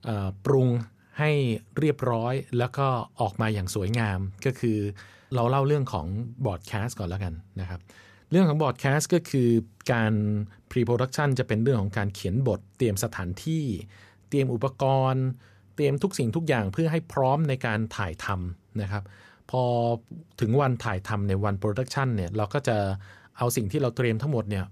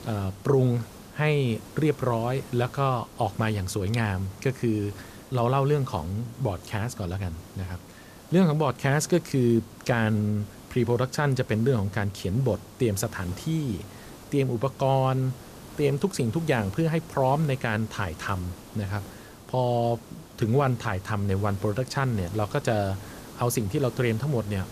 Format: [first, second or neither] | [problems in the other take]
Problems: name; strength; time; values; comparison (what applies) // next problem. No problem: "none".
first | hiss; noticeable; throughout; 20 dB below the speech